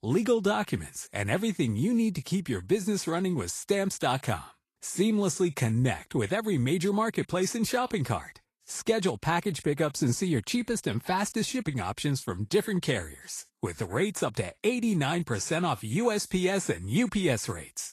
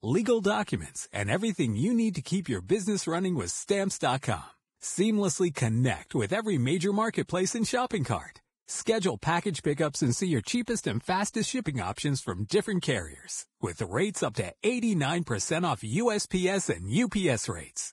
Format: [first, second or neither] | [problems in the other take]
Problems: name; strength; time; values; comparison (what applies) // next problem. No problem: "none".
first | garbled, watery; badly; nothing above 10.5 kHz; slightly in the first